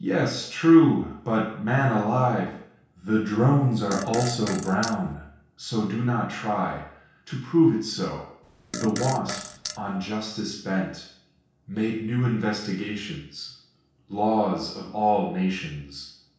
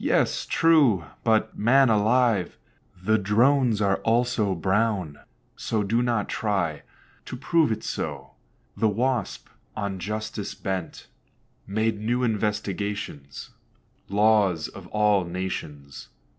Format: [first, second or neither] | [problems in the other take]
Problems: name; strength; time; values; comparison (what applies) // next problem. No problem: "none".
second | background sound (Fart); 10 dB below the speech // room echo; dies away in 0.6 s